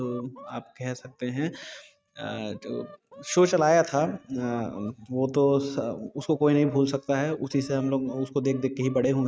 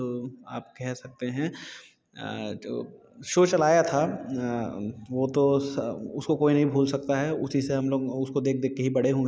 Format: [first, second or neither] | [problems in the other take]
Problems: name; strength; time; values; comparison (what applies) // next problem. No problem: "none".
second | noise reduction (neural mask model RNNoise)